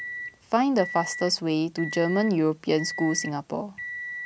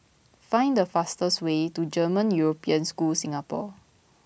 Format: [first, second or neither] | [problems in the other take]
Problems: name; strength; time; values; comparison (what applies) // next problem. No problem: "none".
second | background sound (Microwave oven); 11 dB below the speech